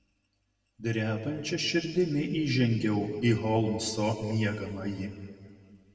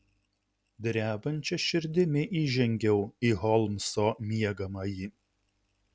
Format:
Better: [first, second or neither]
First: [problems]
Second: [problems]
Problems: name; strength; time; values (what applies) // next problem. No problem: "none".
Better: second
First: room echo; dies away in 2 s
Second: none